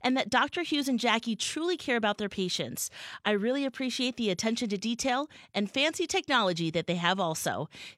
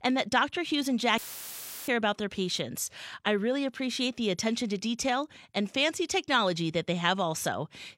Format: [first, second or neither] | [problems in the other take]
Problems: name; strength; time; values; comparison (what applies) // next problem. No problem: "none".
first | audio cutting out; filled with static; at 1 s for 0.5 s